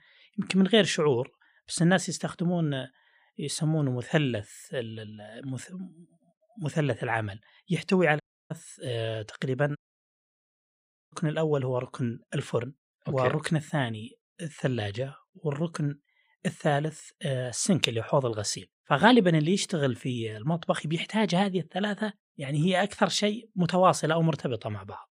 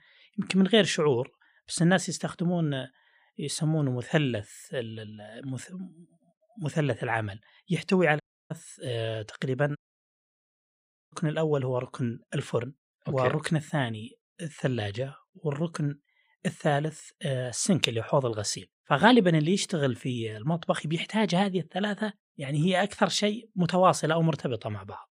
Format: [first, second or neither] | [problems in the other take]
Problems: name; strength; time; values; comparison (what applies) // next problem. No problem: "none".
neither | audio cutting out; at 8 s and at 10 s for 1.5 s; the same in both